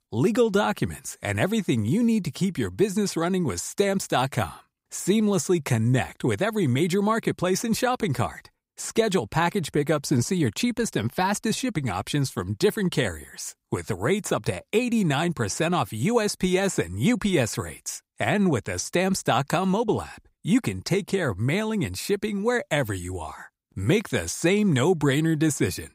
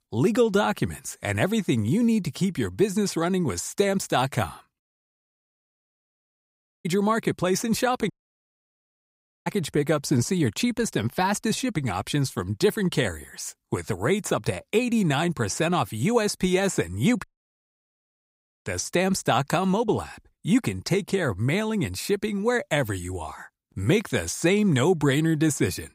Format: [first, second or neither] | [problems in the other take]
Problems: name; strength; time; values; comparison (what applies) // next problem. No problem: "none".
first | audio cutting out; at 5 s for 2 s, at 8 s for 1.5 s and at 17 s for 1.5 s